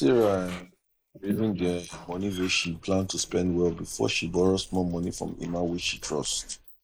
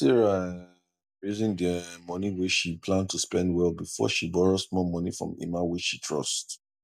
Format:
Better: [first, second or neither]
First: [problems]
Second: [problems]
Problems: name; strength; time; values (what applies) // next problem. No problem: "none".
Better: second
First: noise reduction (neural mask model Resemble Enhance denoiser)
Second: none